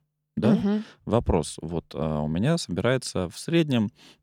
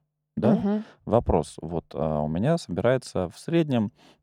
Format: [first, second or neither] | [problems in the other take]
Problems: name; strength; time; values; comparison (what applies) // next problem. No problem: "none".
first | muffled; slightly; fading above 2 kHz